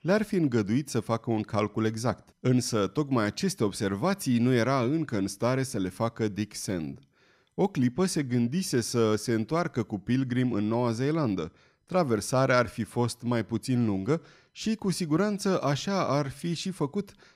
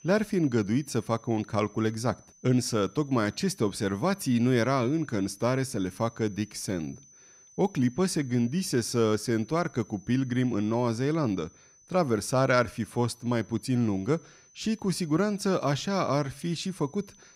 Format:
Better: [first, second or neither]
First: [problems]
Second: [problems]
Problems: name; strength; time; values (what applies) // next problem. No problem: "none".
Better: first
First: none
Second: high-pitched whine; faint; throughout; 6 kHz, 25 dB below the speech